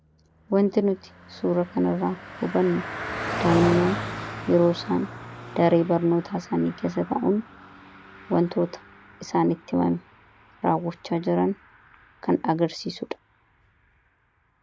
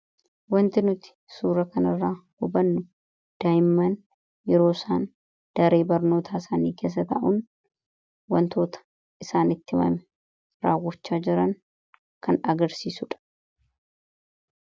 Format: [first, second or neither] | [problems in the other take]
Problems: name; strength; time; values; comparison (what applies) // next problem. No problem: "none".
second | background sound (Car passing by); 11 dB below the speech